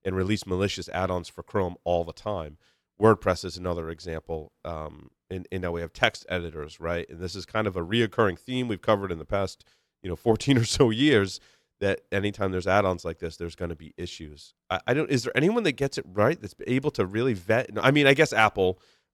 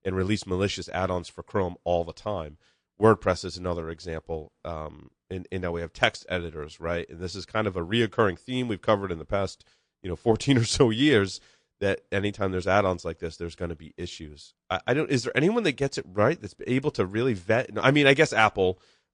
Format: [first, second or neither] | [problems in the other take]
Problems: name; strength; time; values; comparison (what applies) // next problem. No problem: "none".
first | garbled, watery; slightly; nothing above 9 kHz